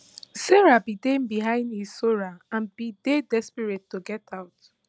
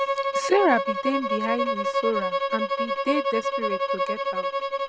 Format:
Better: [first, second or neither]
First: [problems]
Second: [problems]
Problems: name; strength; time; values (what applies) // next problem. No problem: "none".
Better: first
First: none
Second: background sound (Bowed string instrument); 2 dB above the speech